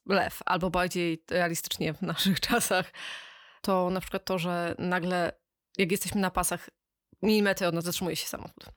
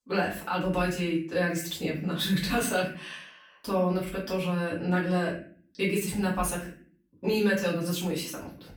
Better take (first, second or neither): first